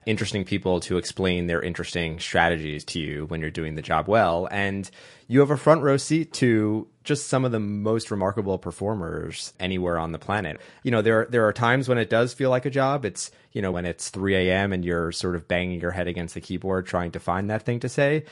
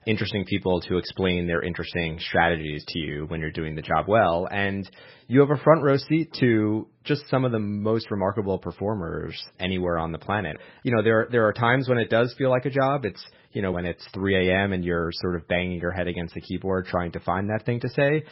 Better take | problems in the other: first | garbled, watery; badly; nothing above 5.5 kHz; slightly in the first

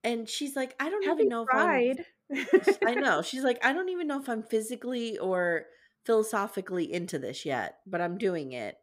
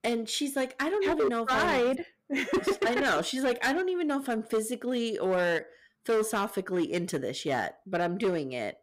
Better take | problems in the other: first | distortion; heavy; 10% of the sound clipped

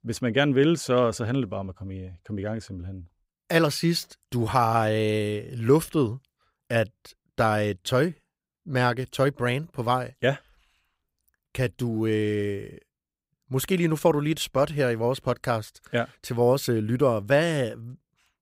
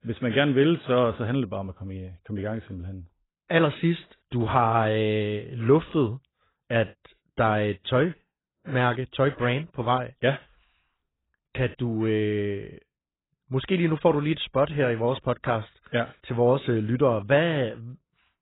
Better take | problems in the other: first | garbled, watery; badly; nothing above 3.5 kHz

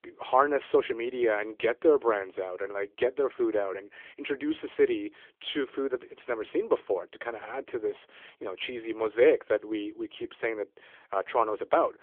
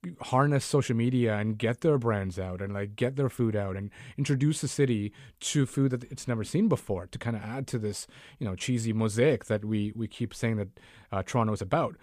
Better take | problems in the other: second | phone-call audio; nothing above 3.5 kHz

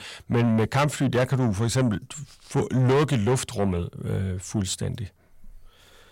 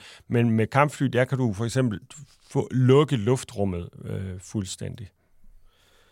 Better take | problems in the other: second | distortion; heavy; 7 dB below the speech

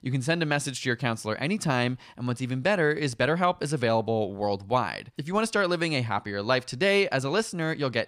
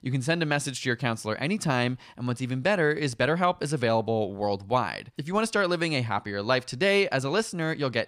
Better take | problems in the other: neither | none

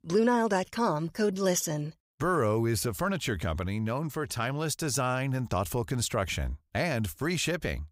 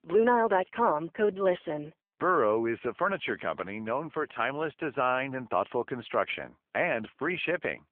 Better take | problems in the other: first | phone-call audio; poor line

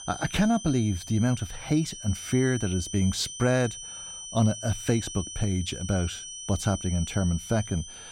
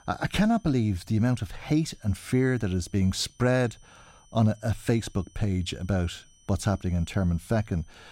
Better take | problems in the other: second | high-pitched whine; loud; throughout; 6 kHz, 10 dB below the speech; faint in the second

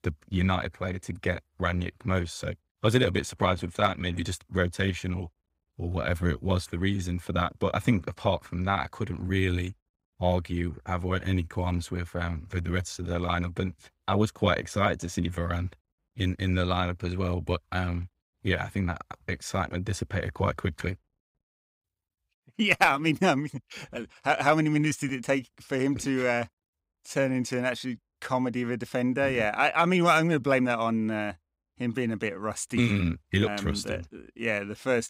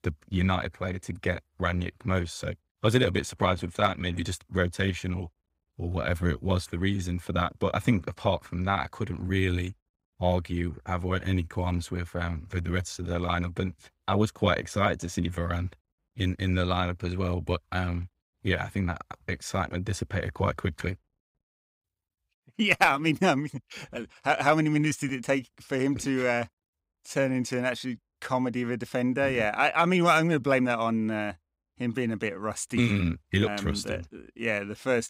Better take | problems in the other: neither | none

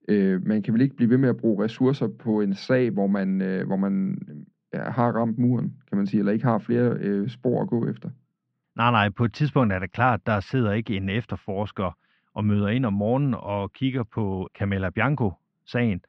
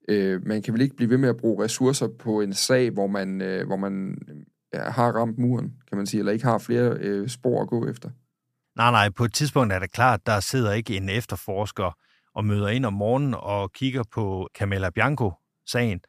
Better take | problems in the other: second | muffled; slightly; fading above 3.5 kHz

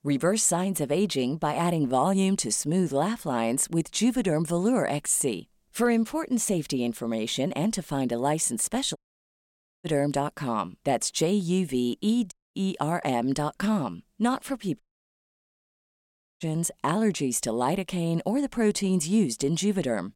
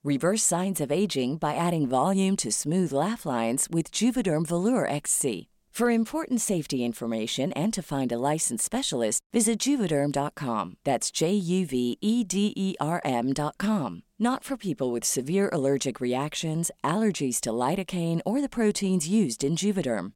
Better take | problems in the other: second | audio cutting out; at 9 s for 1 s, at 12 s and at 15 s for 1.5 s

